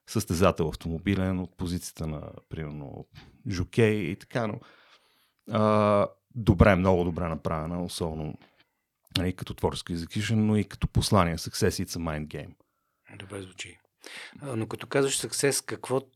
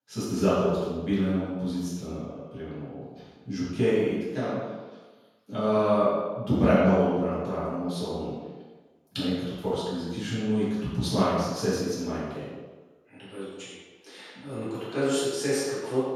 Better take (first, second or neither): first